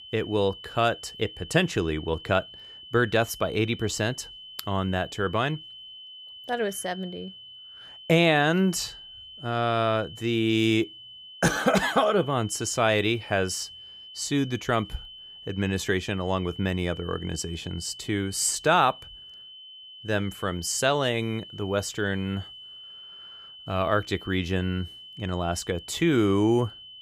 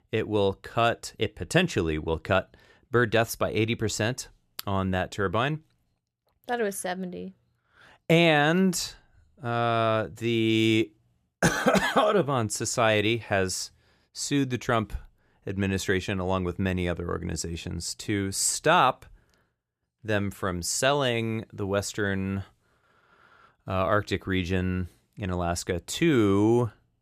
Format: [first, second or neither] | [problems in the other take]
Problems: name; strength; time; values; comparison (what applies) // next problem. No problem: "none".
second | high-pitched whine; noticeable; throughout; 3 kHz, 15 dB below the speech